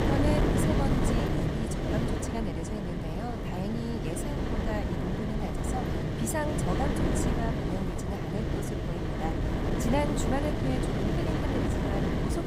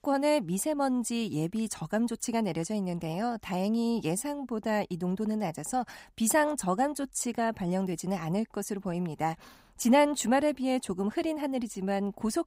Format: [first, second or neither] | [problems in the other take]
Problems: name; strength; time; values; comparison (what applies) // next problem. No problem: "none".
second | wind noise on the microphone; heavy; 3 dB above the speech